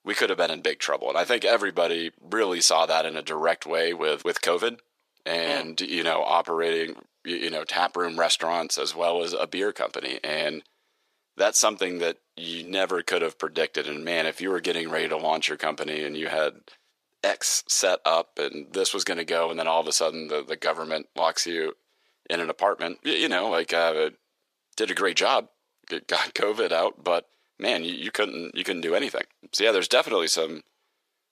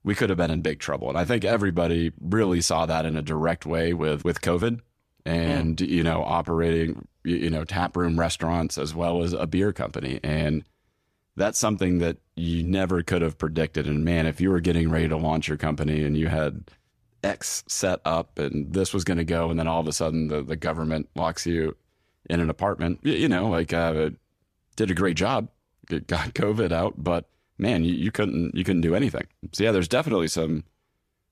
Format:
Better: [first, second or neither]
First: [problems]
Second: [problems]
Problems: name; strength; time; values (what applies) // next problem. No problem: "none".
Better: second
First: thin; very; fading below 450 Hz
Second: none